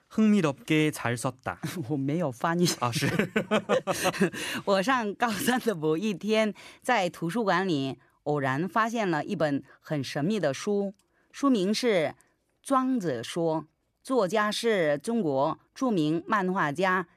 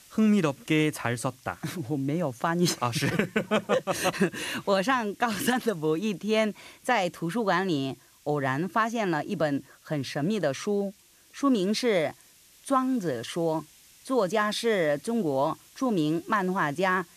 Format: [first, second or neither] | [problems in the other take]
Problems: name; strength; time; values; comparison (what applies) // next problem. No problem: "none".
first | hiss; faint; throughout; 25 dB below the speech